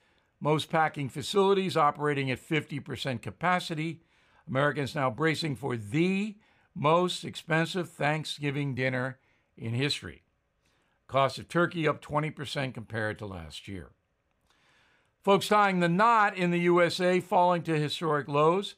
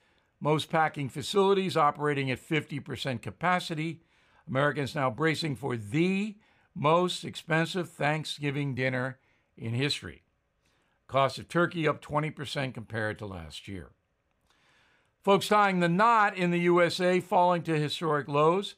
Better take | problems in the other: neither | none

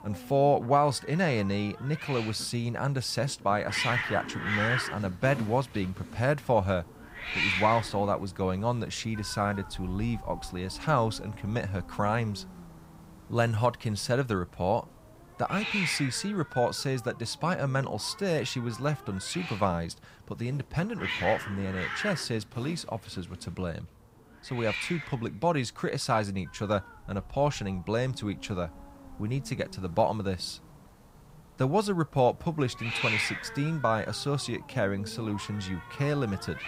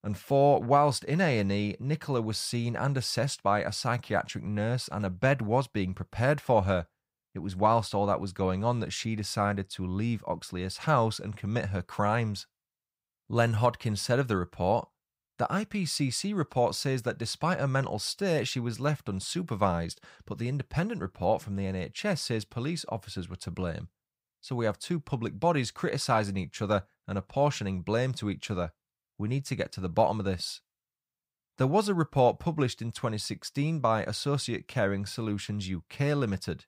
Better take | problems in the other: second | hiss; loud; throughout; 6 dB below the speech

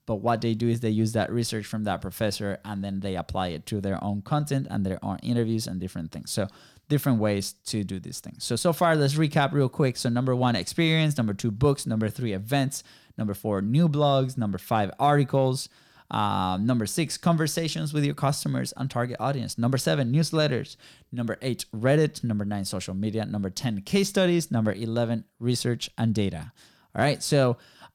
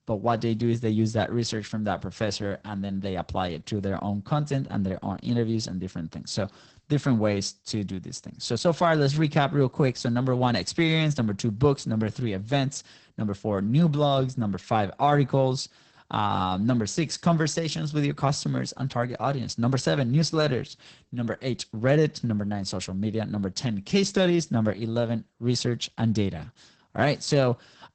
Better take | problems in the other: first | garbled, watery; badly; nothing above 8 kHz

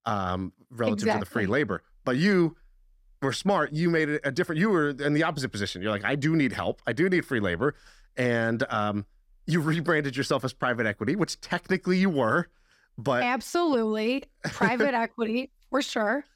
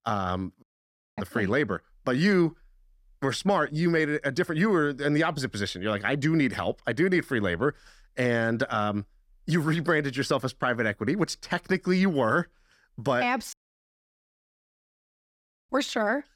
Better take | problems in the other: first | audio cutting out; at 0.5 s for 0.5 s and at 14 s for 2 s

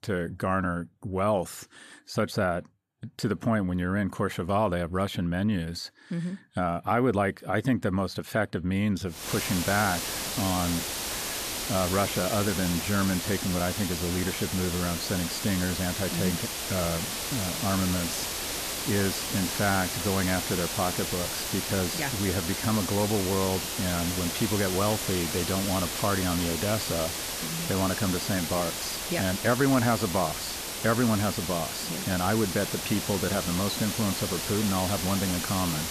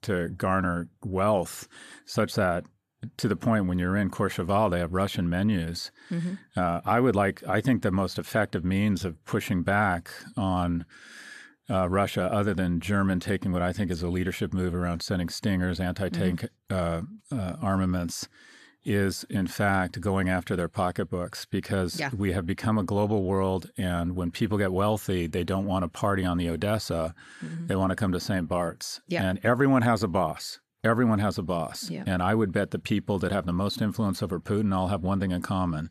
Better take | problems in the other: second | hiss; loud; from 9 s on; 2 dB below the speech

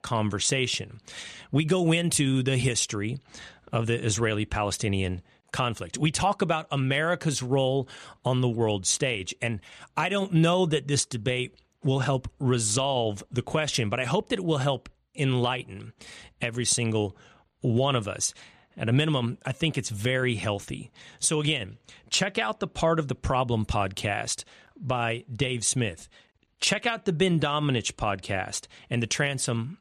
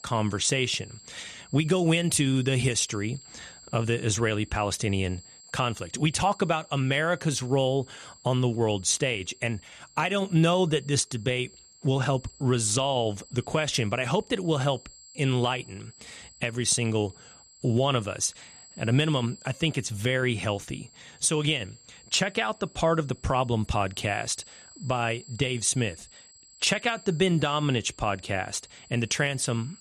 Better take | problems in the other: first | high-pitched whine; faint; throughout; 7.5 kHz, 25 dB below the speech

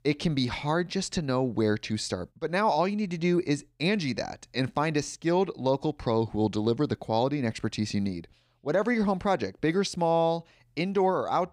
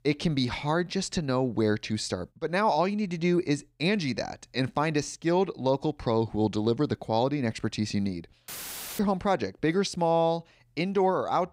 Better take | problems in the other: first | audio cutting out; filled with static; at 8.5 s for 0.5 s

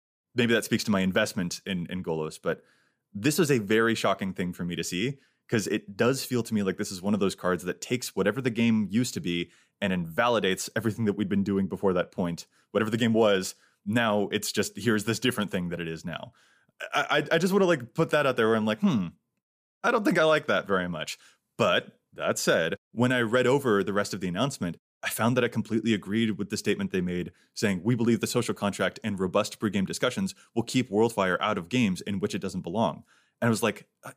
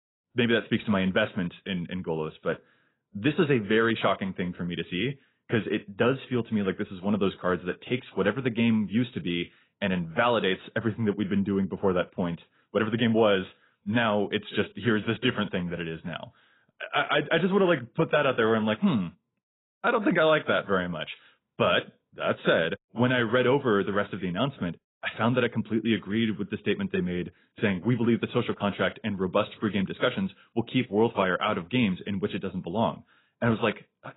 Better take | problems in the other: first | garbled, watery; badly; nothing above 3.5 kHz

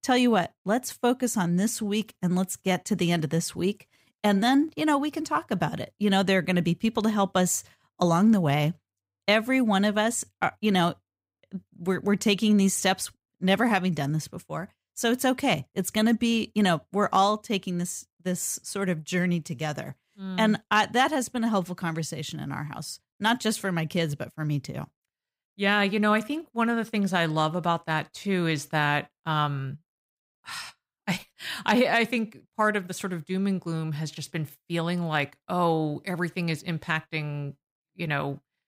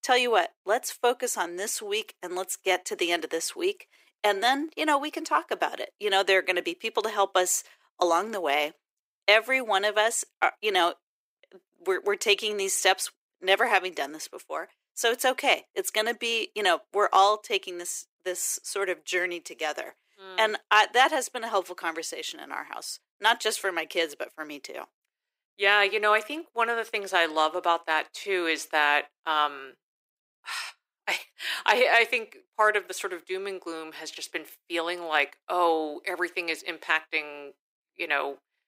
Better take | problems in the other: first | thin; very; fading below 350 Hz

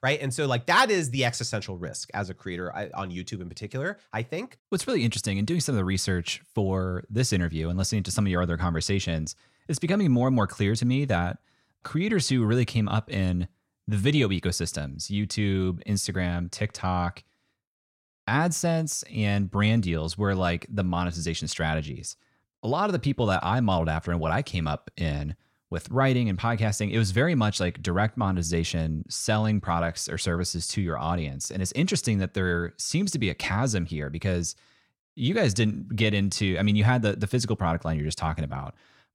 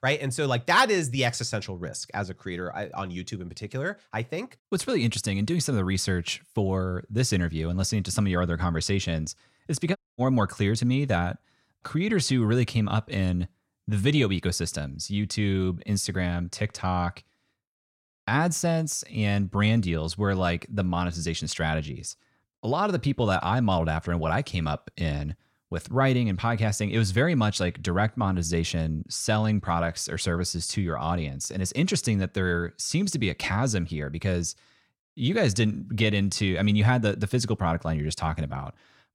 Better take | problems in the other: first | audio cutting out; at 10 s

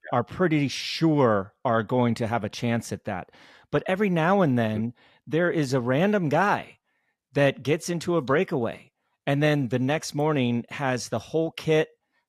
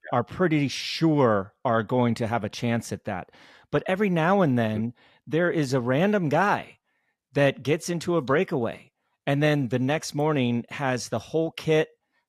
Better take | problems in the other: neither | none

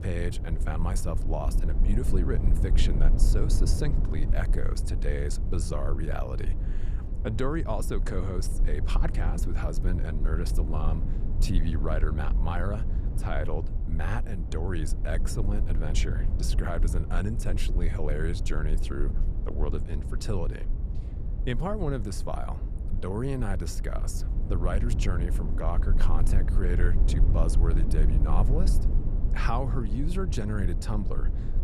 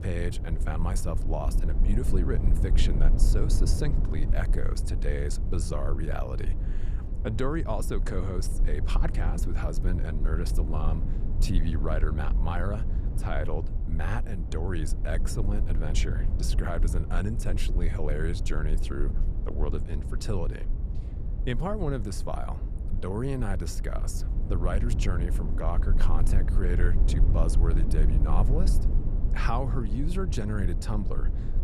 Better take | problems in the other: neither | low rumble; loud; throughout; 8 dB below the speech; the same in both

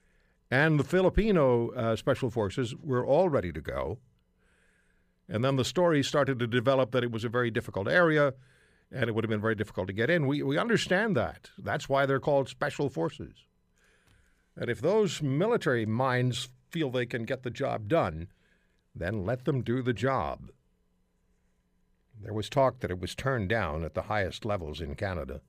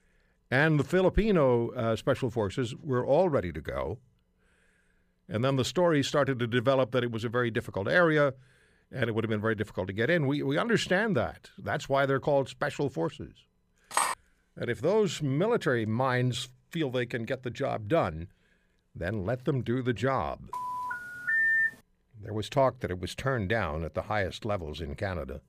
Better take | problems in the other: first | clattering dishes; noticeable; at 14 s; peak level with the speech // phone ringing; loud; from 21 to 22 s; peak 6 dB above the speech

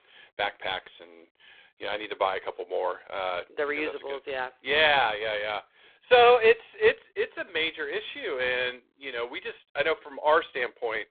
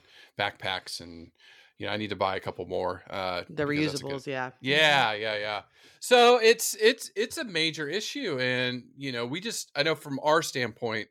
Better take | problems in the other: second | phone-call audio; poor line; nothing above 3.5 kHz

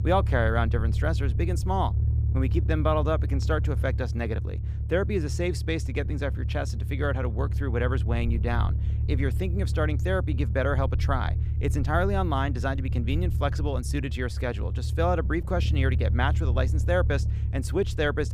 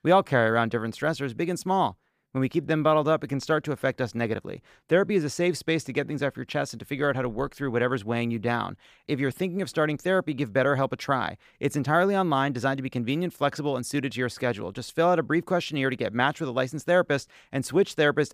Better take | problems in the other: second | low rumble; noticeable; throughout; 15 dB below the speech

